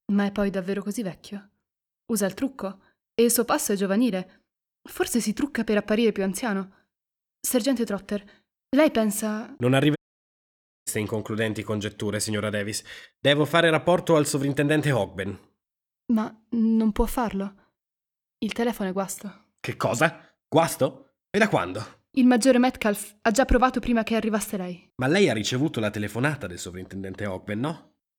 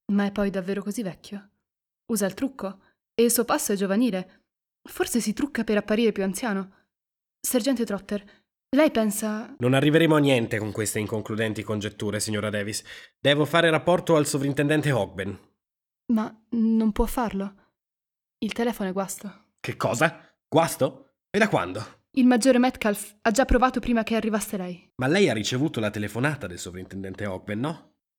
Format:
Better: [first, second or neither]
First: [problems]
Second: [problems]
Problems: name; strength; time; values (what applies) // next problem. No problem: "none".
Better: second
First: audio cutting out; at 10 s for 1 s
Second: none